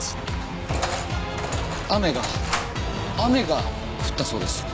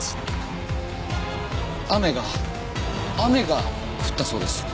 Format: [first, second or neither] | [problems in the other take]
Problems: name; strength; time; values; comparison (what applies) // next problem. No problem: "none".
second | background sound (Engine); 7 dB below the speech